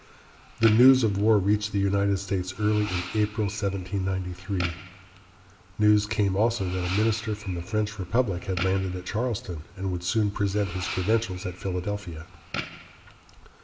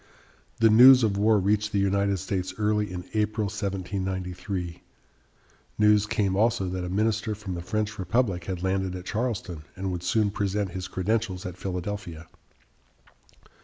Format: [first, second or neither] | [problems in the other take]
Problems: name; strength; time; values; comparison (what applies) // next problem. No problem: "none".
second | background sound (Fireworks); 15 dB below the speech // room echo; dies away in 0.5 s